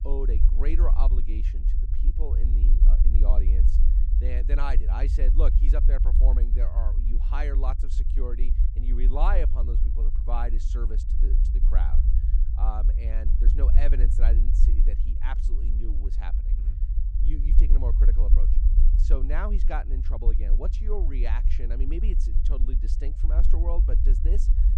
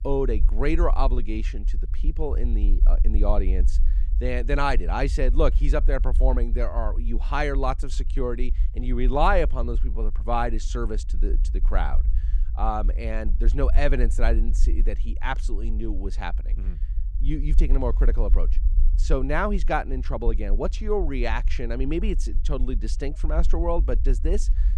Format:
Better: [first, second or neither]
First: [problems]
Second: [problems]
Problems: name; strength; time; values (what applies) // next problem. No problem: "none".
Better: second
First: low rumble; loud; throughout; 8 dB below the speech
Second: low rumble; faint; throughout; 20 dB below the speech